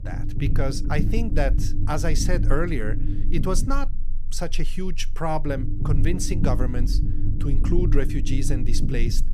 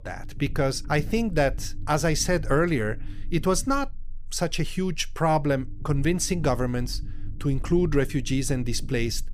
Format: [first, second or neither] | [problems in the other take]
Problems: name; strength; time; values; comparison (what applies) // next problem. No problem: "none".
second | low rumble; loud; throughout; 8 dB below the speech; faint in the second